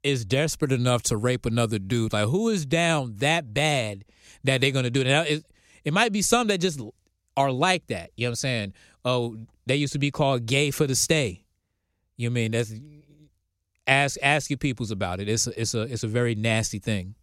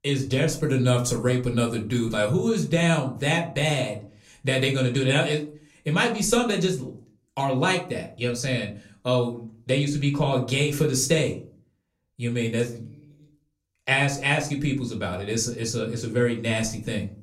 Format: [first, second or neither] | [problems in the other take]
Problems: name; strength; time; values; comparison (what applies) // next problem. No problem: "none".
first | off-mic speech; somewhat distant // room echo; very slight; dies away in 0.3 s